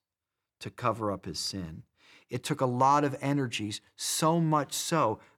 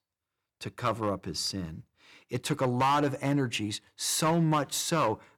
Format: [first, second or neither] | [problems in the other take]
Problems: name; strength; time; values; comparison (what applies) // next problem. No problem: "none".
first | distortion; slight; 5% of the sound clipped